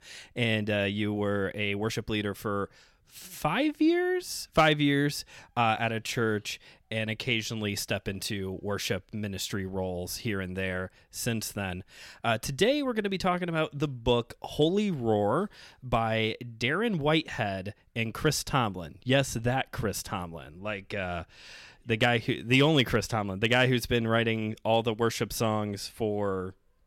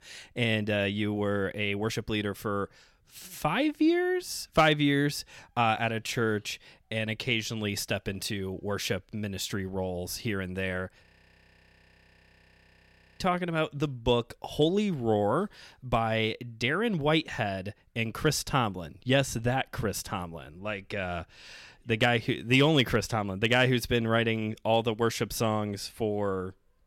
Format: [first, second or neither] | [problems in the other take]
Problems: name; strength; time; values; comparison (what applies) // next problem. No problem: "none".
first | audio freezing; at 11 s for 2 s